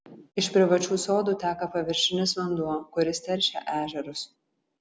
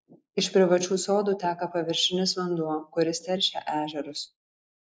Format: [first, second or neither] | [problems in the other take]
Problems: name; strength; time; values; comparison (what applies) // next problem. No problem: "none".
first | noise reduction (neural mask model Resemble Enhance denoiser)